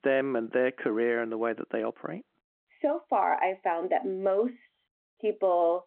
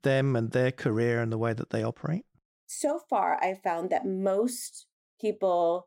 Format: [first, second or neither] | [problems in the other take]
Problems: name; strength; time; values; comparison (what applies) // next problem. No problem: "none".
second | phone-call audio